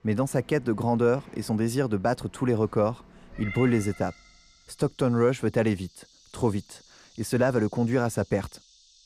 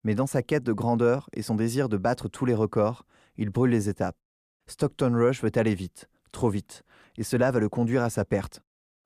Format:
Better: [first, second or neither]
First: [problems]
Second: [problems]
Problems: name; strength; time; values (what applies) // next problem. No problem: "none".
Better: second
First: animal sounds; faint; throughout; 20 dB below the speech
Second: none